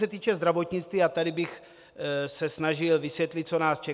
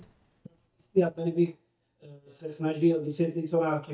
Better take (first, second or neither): first